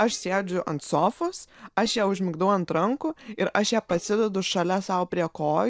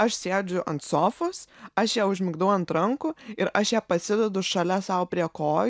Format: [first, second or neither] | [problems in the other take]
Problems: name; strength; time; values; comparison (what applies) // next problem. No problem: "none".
second | noise reduction (neural separator model SepFormer DNS4)